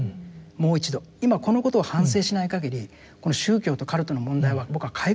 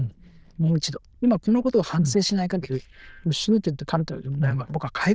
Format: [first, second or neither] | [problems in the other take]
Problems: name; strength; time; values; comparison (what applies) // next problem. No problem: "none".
first | noise reduction (neural diffusion model UNIVERSE++)